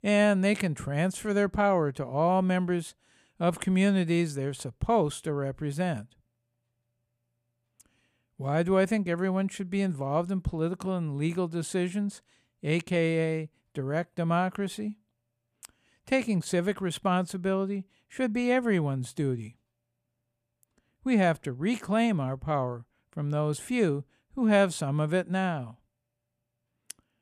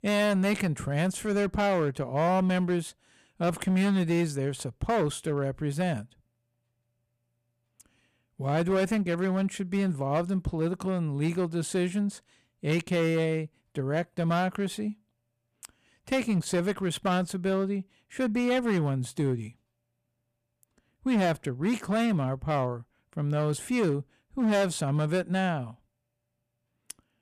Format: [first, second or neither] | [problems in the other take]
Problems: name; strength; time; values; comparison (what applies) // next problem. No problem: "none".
first | distortion; slight; 8% of the sound clipped